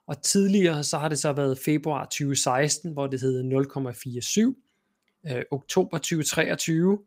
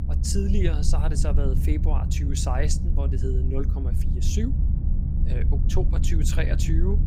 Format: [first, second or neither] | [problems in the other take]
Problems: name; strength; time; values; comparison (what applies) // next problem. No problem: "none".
first | low rumble; loud; throughout; 6 dB below the speech